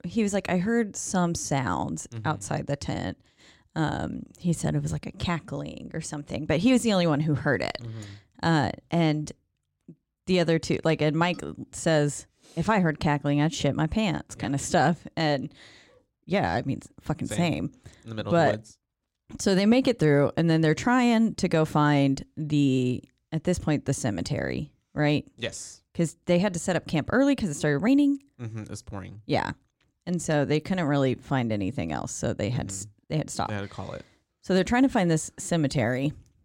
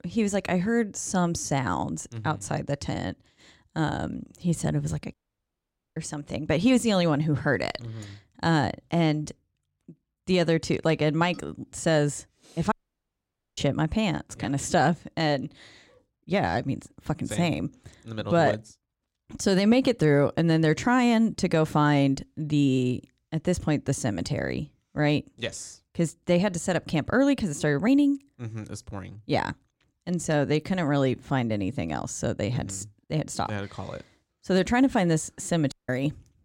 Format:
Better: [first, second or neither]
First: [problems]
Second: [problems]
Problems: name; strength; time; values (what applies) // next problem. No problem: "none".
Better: first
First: none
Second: audio cutting out; at 5 s for 1 s, at 13 s for 1 s and at 36 s